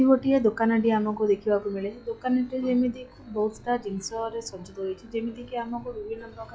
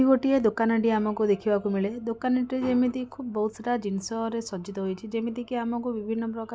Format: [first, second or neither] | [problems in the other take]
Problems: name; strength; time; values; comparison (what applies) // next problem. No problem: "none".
second | noise reduction (classical method log-MMSE)